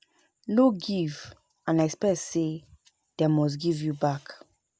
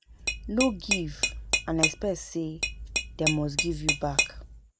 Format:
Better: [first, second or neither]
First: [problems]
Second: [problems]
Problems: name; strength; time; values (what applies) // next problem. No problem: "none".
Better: first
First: none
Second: background sound (Tap / Glass); 1 dB above the speech